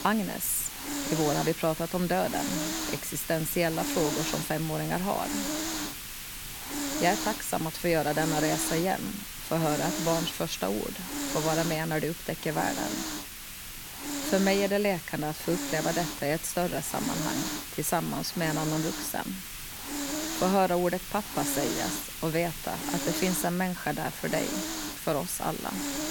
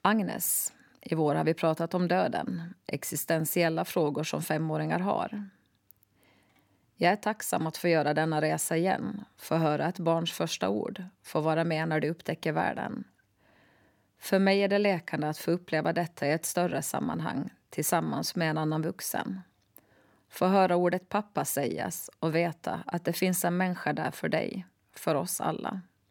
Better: second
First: hiss; loud; throughout; 4 dB below the speech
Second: none

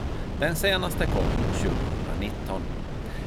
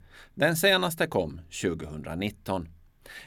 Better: second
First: wind noise on the microphone; heavy; 6 dB below the speech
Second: none

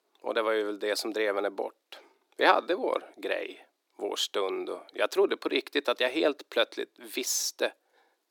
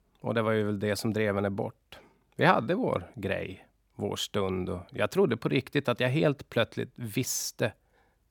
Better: second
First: thin; somewhat; fading below 300 Hz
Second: none

